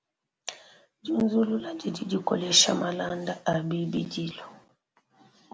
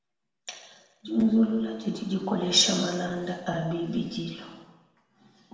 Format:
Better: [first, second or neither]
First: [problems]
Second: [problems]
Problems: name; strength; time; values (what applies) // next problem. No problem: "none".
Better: first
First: none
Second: room echo; dies away in 1 s